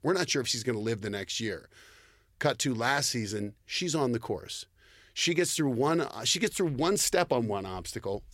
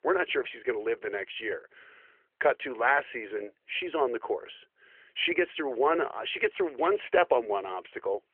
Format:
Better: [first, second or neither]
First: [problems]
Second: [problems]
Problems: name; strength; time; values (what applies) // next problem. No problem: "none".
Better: first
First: none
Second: phone-call audio; nothing above 3 kHz